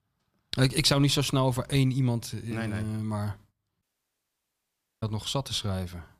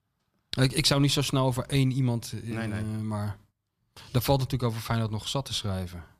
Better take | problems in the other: second | audio cutting out; at 4 s for 1 s

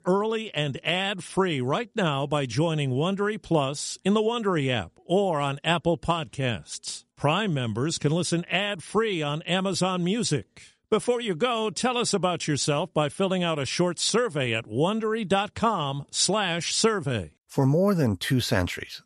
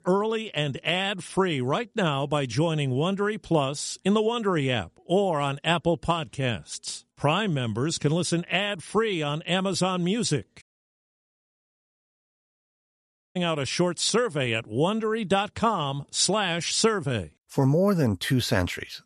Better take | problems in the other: first | audio cutting out; at 11 s for 2.5 s

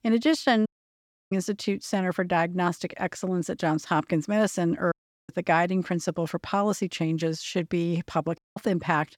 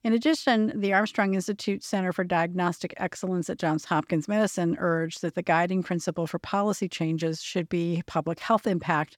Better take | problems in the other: second | audio cutting out; at 0.5 s for 0.5 s, at 5 s and at 8.5 s

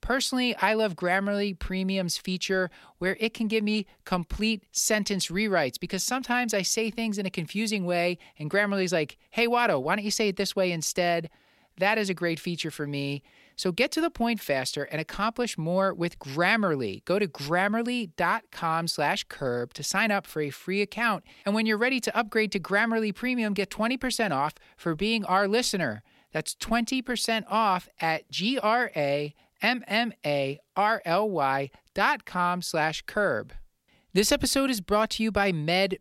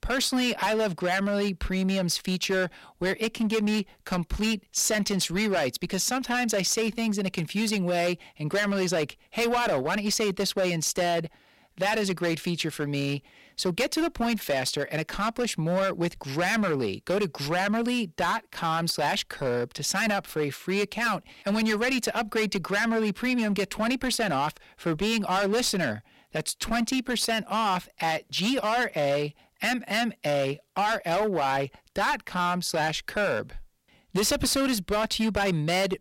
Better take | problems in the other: first | distortion; heavy; 12% of the sound clipped

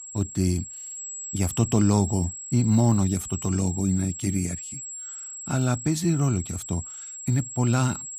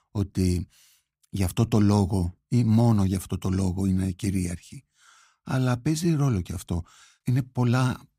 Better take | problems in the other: second | high-pitched whine; loud; throughout; 7.5 kHz, 9 dB below the speech

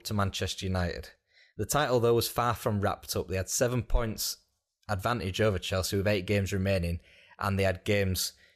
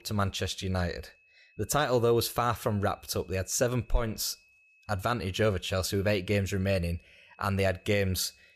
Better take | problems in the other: first | high-pitched whine; faint; throughout; 2.5 kHz, 30 dB below the speech

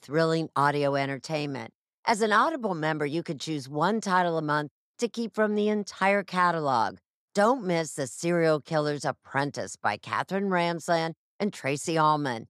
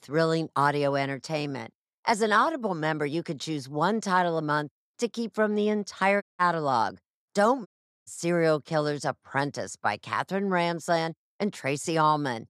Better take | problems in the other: first | audio cutting out; at 6 s and at 7.5 s

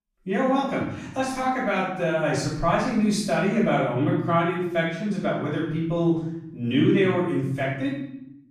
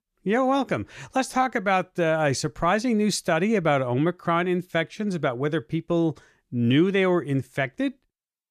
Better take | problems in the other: second | off-mic speech; far // room echo; noticeable; dies away in 0.8 s

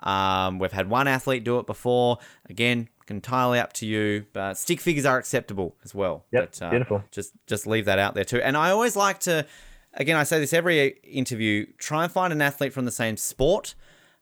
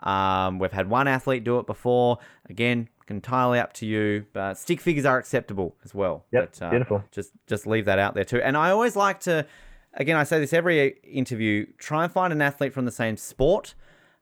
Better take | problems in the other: first | muffled; slightly; fading above 3 kHz

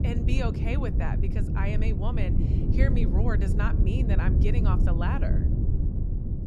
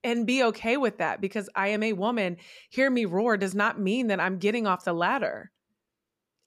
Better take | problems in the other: second | low rumble; loud; throughout; 3 dB below the speech

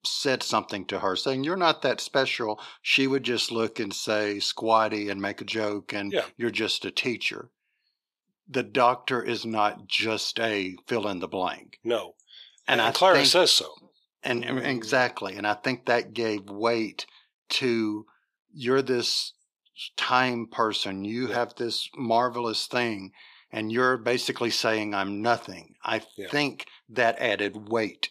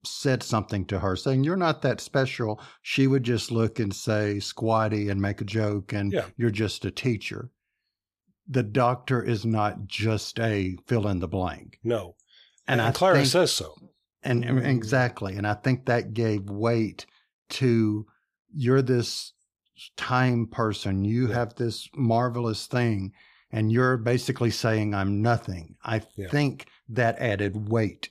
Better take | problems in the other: second | thin; somewhat; fading below 300 Hz

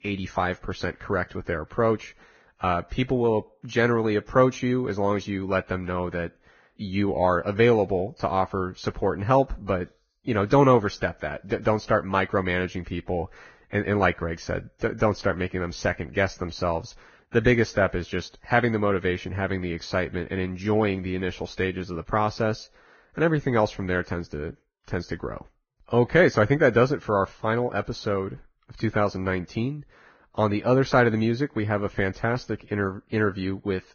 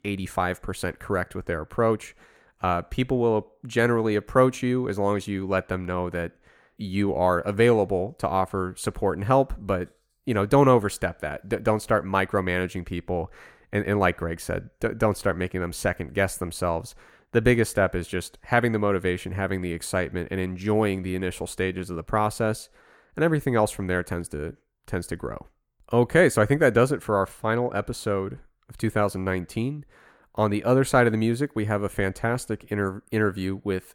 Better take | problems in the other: second | garbled, watery; badly; nothing above 6.5 kHz

